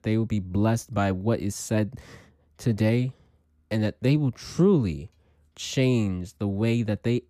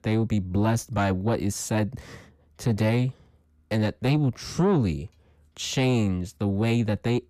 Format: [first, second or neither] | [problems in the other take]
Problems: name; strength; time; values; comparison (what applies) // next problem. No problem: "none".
first | distortion; slight; 9 dB below the speech